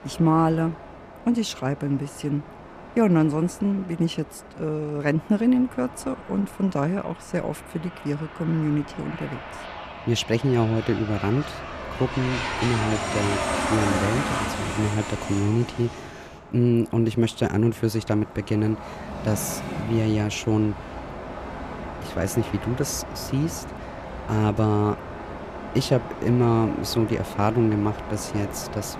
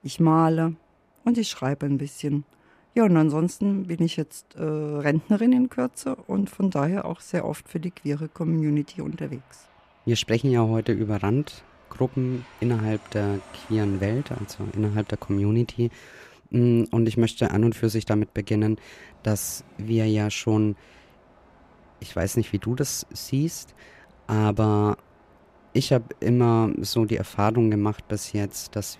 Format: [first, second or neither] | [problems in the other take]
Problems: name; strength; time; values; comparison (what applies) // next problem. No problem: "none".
second | train or aircraft noise; loud; throughout; 8 dB below the speech; faint in the second